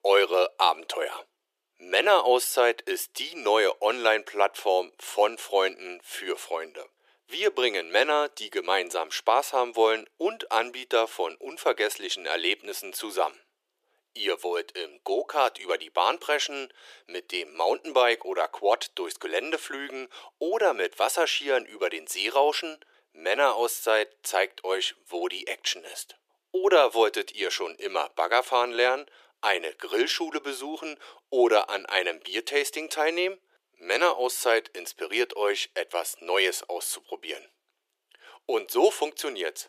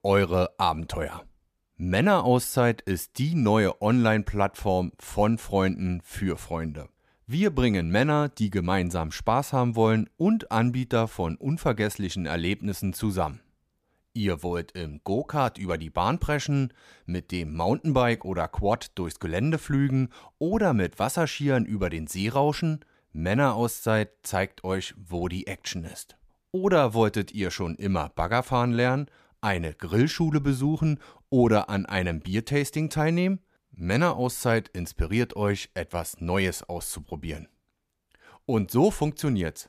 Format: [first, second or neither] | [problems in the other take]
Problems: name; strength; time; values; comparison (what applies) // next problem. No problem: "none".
second | thin; very; fading below 350 Hz